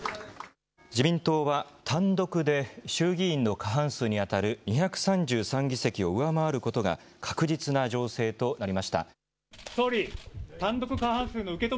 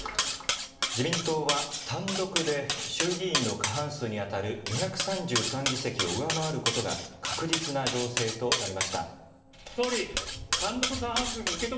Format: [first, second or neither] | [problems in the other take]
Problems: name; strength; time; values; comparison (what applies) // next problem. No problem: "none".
first | background sound (Cutlery, silverware); 1 dB below the speech // room echo; dies away in 0.8 s